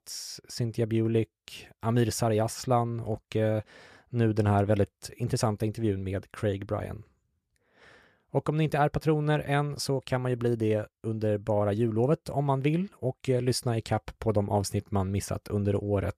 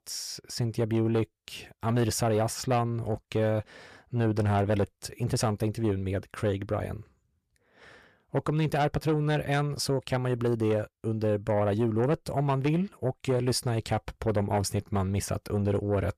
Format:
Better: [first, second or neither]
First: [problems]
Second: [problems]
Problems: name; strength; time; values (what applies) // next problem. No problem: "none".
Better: first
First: none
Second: distortion; slight; 10 dB below the speech